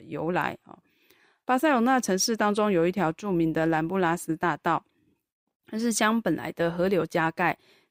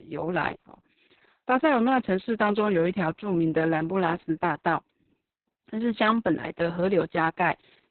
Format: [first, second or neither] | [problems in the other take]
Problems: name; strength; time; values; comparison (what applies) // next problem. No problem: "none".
first | garbled, watery; badly; nothing above 4 kHz